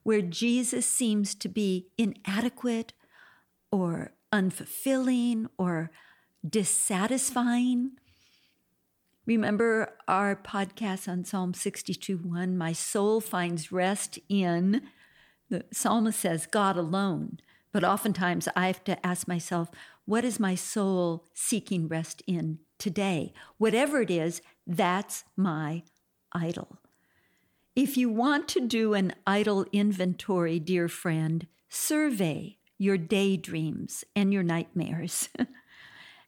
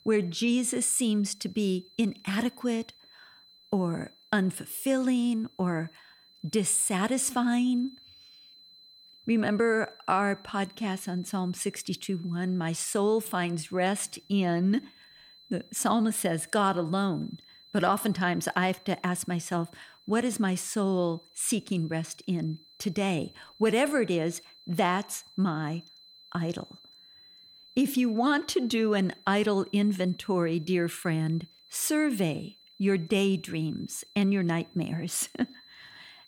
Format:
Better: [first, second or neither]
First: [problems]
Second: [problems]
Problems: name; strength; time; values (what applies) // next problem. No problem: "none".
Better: first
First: none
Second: high-pitched whine; faint; throughout; 4 kHz, 25 dB below the speech